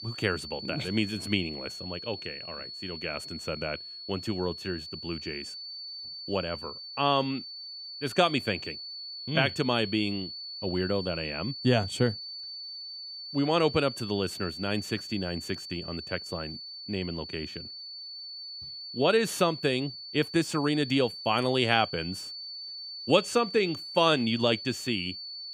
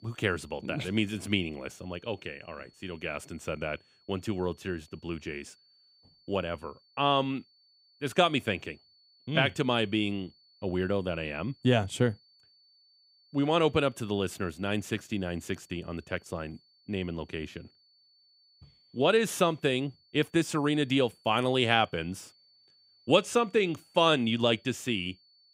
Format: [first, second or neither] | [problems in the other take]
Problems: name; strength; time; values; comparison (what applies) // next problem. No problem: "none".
second | high-pitched whine; loud; throughout; 4.5 kHz, 9 dB below the speech; faint in the second